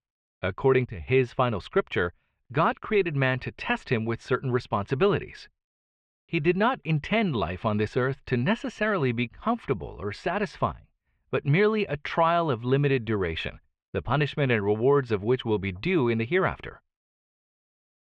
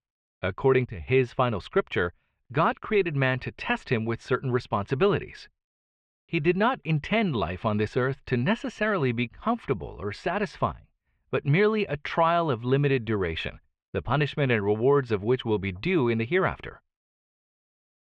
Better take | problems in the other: neither | muffled; very; fading above 3 kHz; the same in both

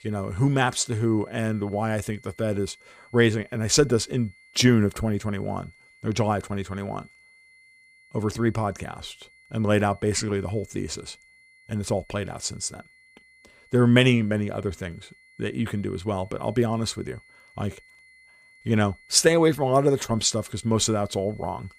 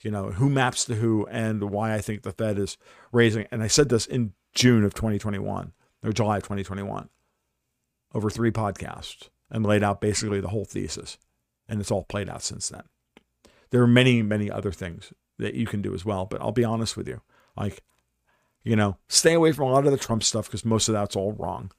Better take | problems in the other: second | high-pitched whine; faint; throughout; 2 kHz, 30 dB below the speech

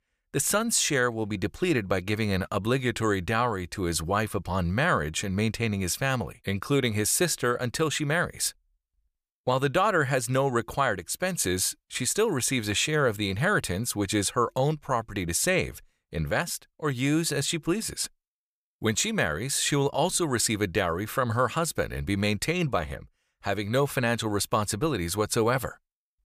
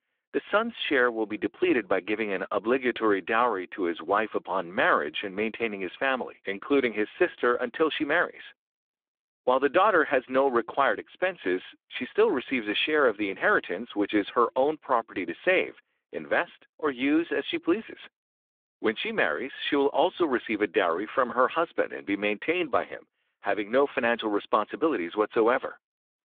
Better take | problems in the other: first | phone-call audio; nothing above 3.5 kHz

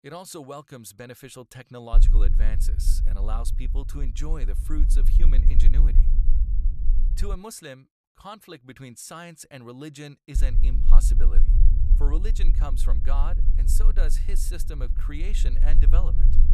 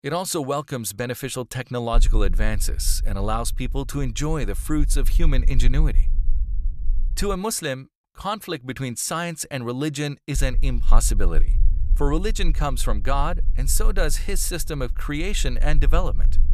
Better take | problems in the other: second | low rumble; loud; from 2 to 7.5 s and from 10 s on; 7 dB below the speech; faint in the second

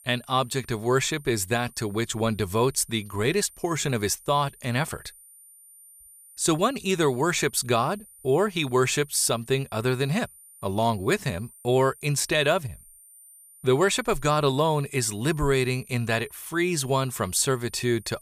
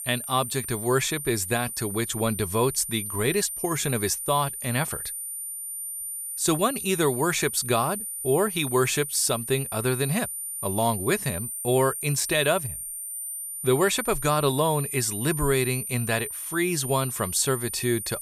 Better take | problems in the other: first | high-pitched whine; loud; throughout; 9.5 kHz, 6 dB below the speech; faint in the first

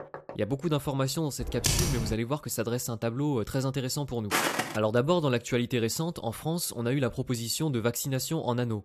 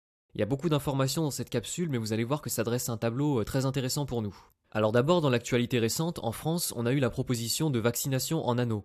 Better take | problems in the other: second | door banging; faint; at the start; peak 15 dB below the speech // keyboard typing; loud; at 1.5 s; peak 4 dB above the speech // footsteps; loud; at 4.5 s; peak 3 dB above the speech

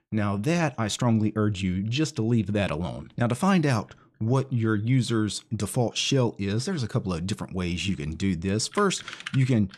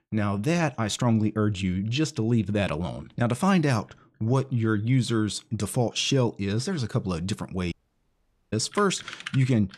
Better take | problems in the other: first | audio cutting out; at 7.5 s for 1 s

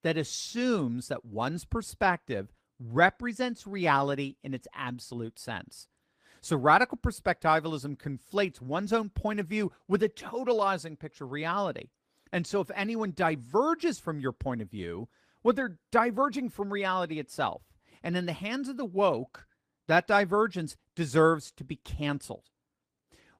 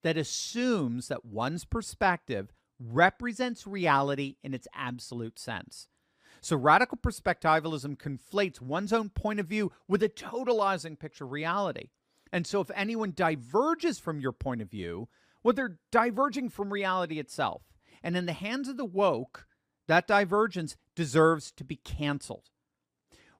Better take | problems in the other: second | garbled, watery; slightly; nothing above 15 kHz

